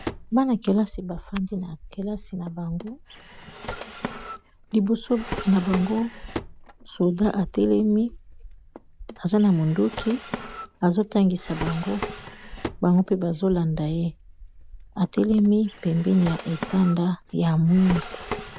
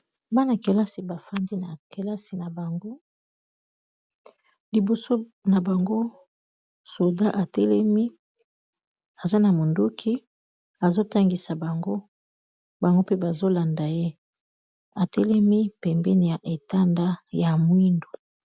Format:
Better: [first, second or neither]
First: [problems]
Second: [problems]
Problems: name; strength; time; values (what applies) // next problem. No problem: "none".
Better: second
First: background sound (Drawer open or close); 13 dB below the speech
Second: none